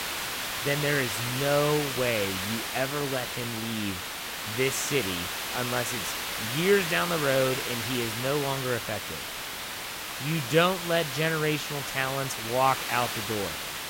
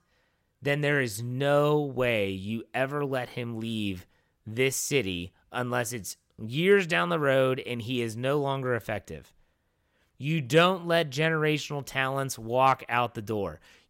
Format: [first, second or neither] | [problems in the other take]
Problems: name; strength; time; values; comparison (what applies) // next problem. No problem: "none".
second | hiss; loud; throughout; 3 dB below the speech